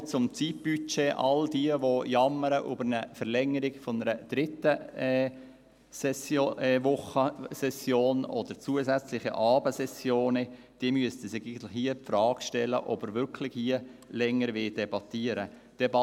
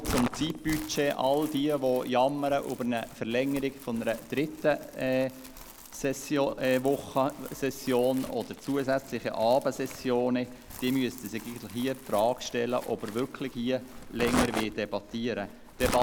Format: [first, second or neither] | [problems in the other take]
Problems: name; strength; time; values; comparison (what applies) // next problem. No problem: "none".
first | background sound (Crumpling, crinkling); 11 dB below the speech